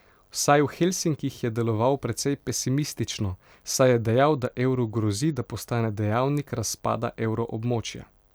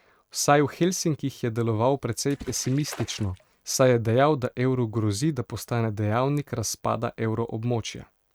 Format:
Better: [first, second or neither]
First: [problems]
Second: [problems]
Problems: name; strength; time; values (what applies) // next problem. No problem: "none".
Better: first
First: none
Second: noise reduction (neural mask model RNNoise)